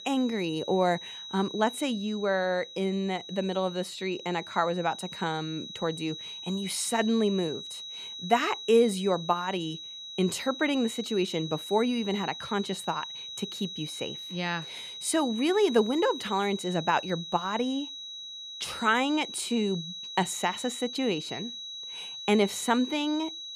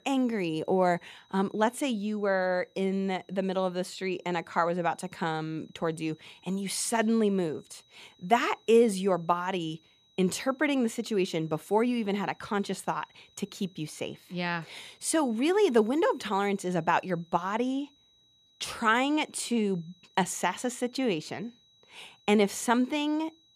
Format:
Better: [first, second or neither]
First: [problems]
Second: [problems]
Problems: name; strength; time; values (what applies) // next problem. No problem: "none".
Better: second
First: high-pitched whine; loud; throughout; 4 kHz, 9 dB below the speech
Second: high-pitched whine; faint; throughout; 4 kHz, 35 dB below the speech